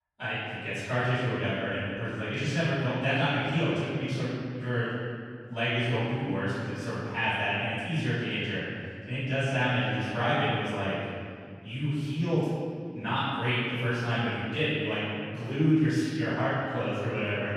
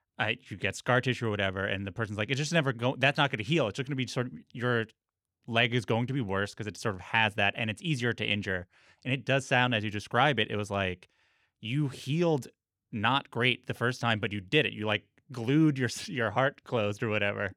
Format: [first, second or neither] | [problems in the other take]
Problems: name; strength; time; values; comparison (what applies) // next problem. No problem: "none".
second | room echo; strong; dies away in 2.2 s // off-mic speech; far